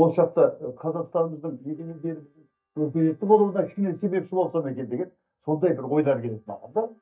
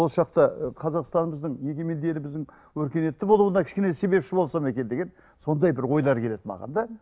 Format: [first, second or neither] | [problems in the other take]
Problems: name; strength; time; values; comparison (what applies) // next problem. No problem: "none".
second | noise reduction (neural mask model DeepFilterNet 3)